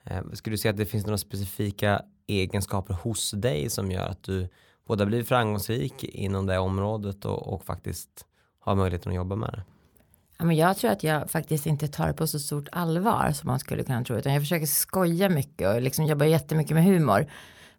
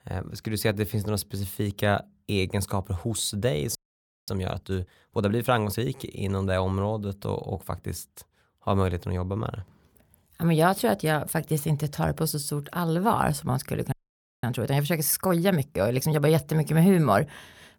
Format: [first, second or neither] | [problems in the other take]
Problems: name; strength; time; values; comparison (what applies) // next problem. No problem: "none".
first | audio freezing; at 4 s for 0.5 s and at 14 s for 0.5 s